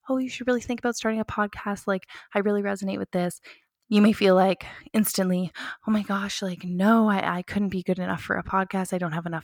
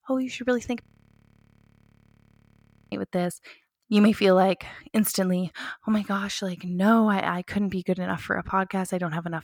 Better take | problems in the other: first | audio freezing; at 1 s for 2 s

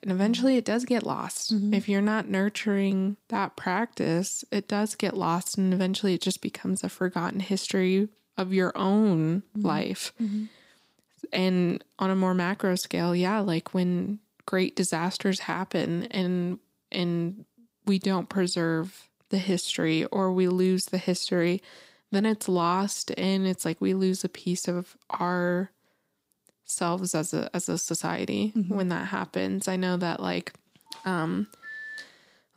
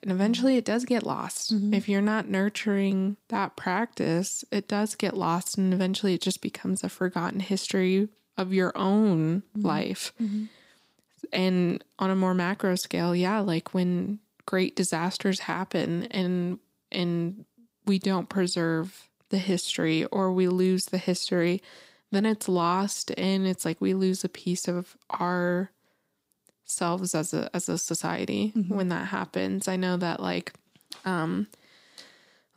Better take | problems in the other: second | phone ringing; faint; from 31 to 32 s; peak 10 dB below the speech

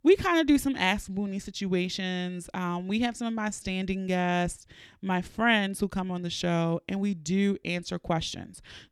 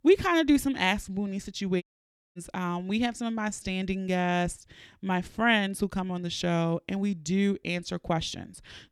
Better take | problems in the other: first | audio cutting out; at 2 s for 0.5 s

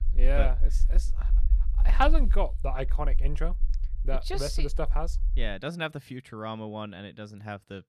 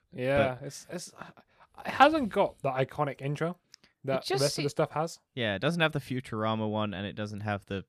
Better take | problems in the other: second | low rumble; faint; until 5.5 s; 20 dB below the speech

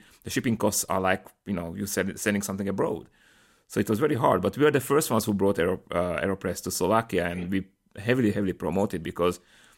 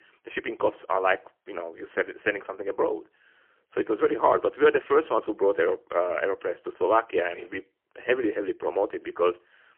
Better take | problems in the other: first | phone-call audio; poor line; nothing above 3 kHz

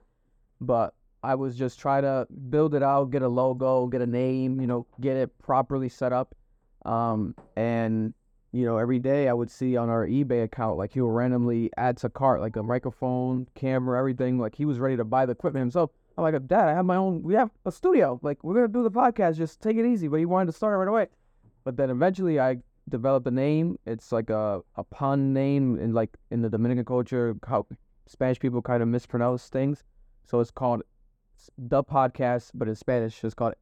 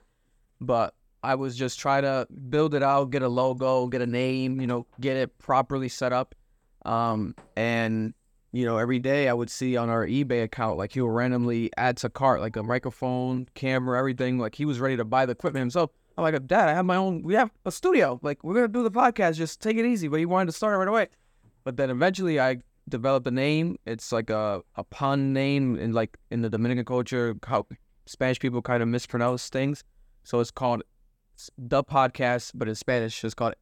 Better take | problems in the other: second | muffled; slightly; fading above 1.5 kHz

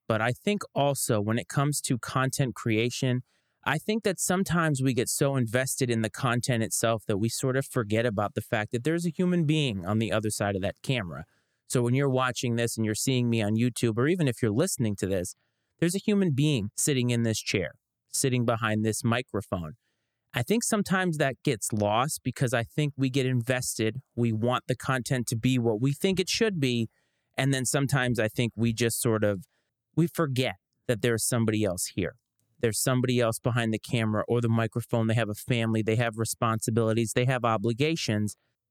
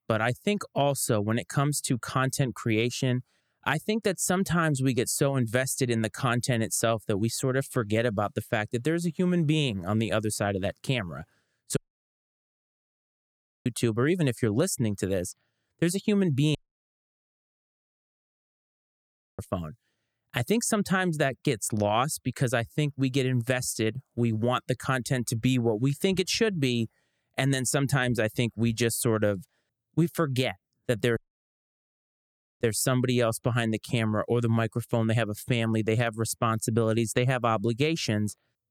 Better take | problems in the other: first | audio cutting out; at 12 s for 2 s, at 17 s for 3 s and at 31 s for 1.5 s

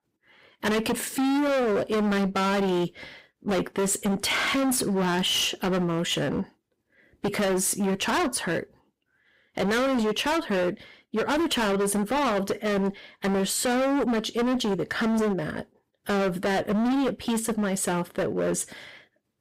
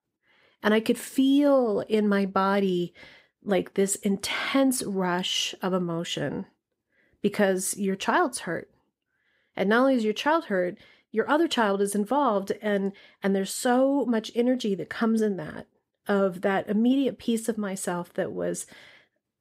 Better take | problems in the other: second | distortion; heavy; 26% of the sound clipped

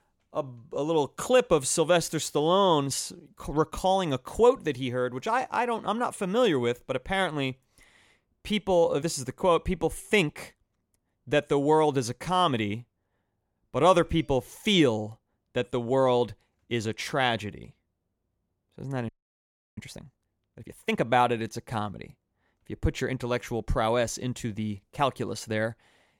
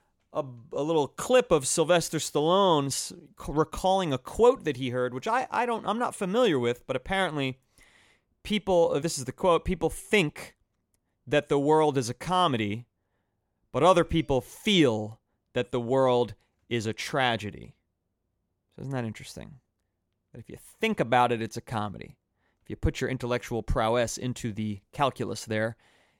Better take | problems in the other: second | audio freezing; at 19 s for 0.5 s

